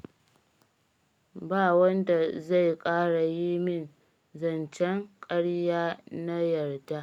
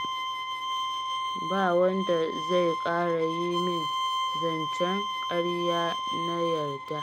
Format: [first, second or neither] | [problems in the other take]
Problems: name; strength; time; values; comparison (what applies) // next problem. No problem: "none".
first | background sound (Bowed string instrument); 2 dB below the speech